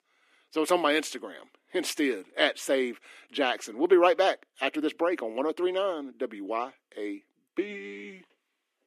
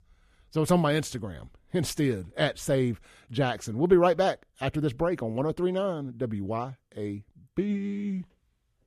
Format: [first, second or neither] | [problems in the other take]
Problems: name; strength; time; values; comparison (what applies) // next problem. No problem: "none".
second | thin; somewhat; fading below 300 Hz